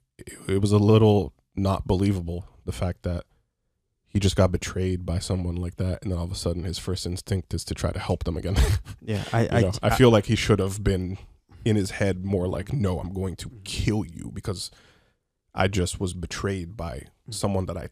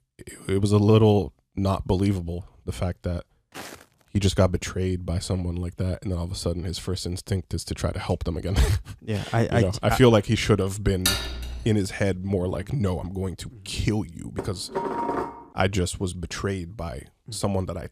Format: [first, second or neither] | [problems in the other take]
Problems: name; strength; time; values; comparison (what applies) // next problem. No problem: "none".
first | footsteps; faint; at 3.5 s; peak 15 dB below the speech // clattering dishes; loud; at 11 s; peak 1 dB above the speech // clattering dishes; noticeable; from 14 to 15 s; peak 2 dB below the speech